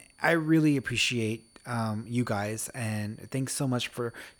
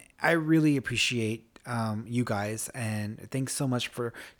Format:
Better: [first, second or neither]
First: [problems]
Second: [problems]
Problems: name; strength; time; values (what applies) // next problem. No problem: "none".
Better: second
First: high-pitched whine; faint; throughout; 4.5 kHz, 30 dB below the speech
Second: none